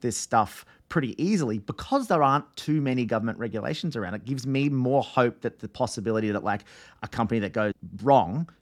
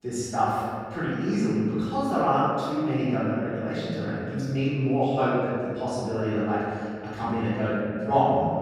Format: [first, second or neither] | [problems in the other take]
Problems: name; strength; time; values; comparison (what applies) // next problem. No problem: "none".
first | off-mic speech; far // room echo; strong; dies away in 2.1 s